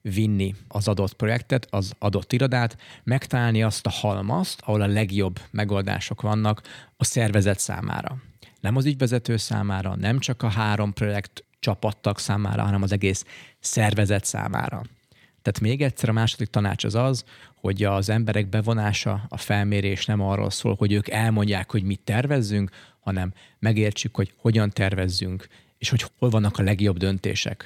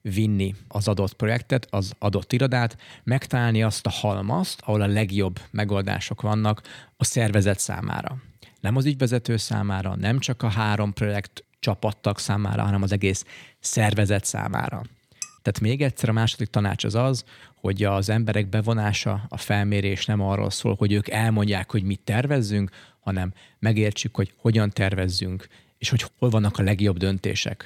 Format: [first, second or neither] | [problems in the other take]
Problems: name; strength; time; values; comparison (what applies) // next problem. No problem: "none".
first | clattering dishes; very faint; at 15 s; peak 10 dB below the speech